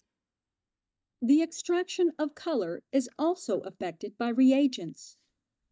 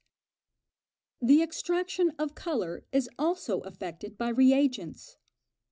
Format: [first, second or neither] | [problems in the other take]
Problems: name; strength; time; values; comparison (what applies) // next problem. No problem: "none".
second | noise reduction (neural mask model DeepFilterNet 3)